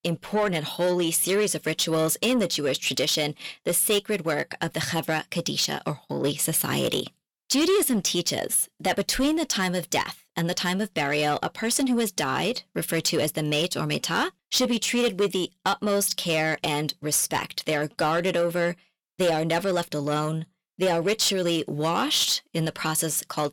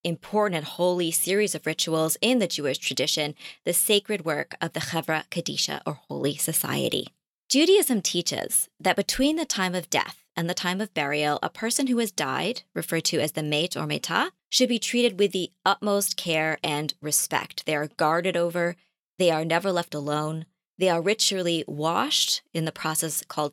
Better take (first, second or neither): second